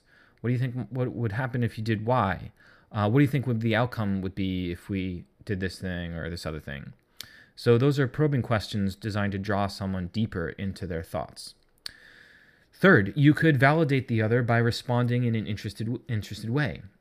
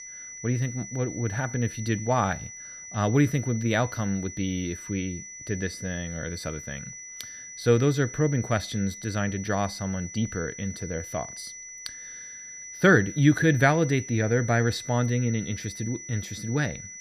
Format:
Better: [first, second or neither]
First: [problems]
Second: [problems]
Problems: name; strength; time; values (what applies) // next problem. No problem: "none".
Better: first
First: none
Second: high-pitched whine; noticeable; throughout; 6 kHz, 10 dB below the speech